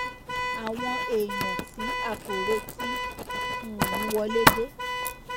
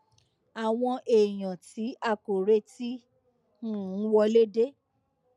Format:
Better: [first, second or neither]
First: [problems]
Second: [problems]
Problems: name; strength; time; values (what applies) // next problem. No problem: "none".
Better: second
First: background sound (Alarm / Car + Writing); 3 dB above the speech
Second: none